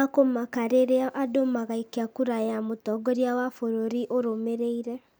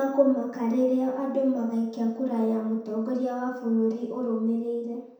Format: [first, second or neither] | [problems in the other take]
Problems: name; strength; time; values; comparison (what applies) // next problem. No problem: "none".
first | room echo; dies away in 0.7 s